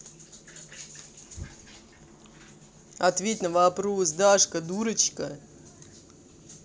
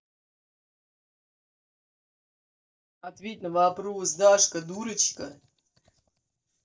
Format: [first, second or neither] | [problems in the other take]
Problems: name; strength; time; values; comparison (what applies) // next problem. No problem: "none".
first | noise reduction (neural mask model DeepFilterNet 3)